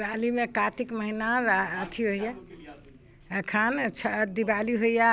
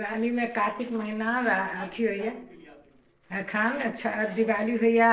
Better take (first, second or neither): first